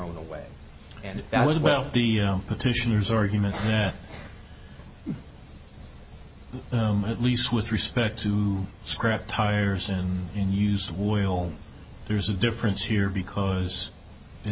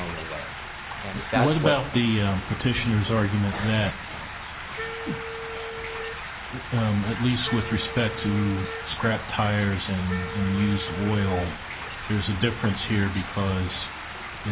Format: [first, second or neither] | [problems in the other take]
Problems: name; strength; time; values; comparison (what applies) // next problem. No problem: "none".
first | background sound (Wind instrument, woodwind instrument + Stream); 9 dB below the speech